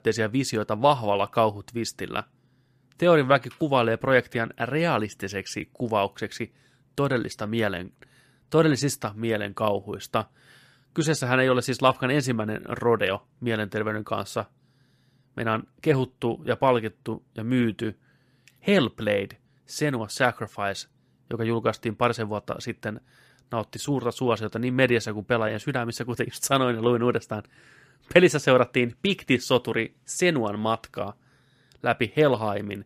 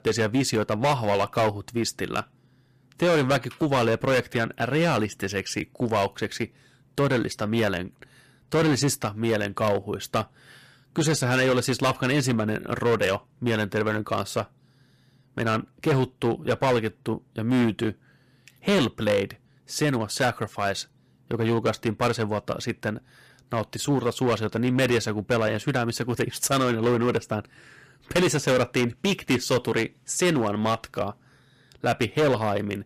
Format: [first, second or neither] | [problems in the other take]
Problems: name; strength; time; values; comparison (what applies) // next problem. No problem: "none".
first | distortion; heavy; 8% of the sound clipped